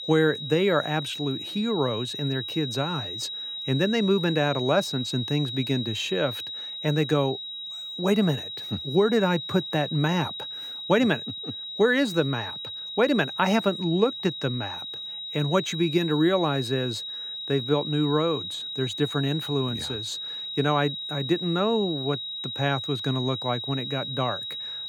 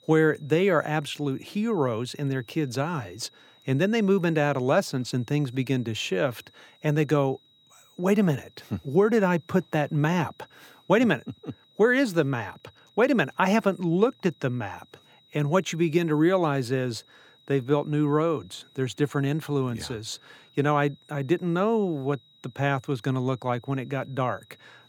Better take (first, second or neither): second